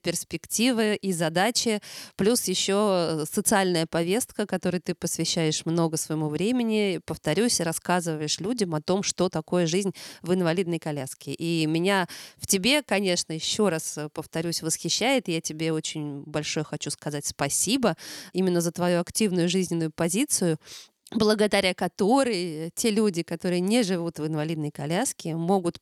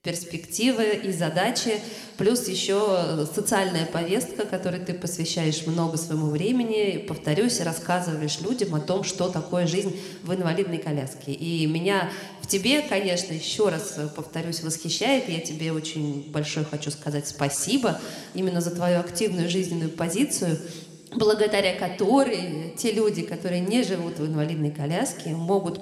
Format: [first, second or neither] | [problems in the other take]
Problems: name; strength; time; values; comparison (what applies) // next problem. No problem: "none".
first | room echo; very slight; dies away in 1.9 s